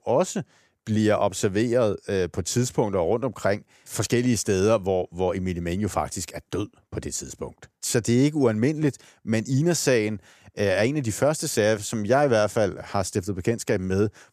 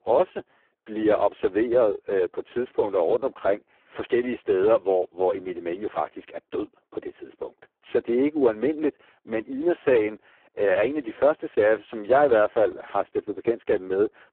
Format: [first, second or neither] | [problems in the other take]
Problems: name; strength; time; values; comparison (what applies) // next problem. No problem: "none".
first | phone-call audio; poor line; nothing above 3.5 kHz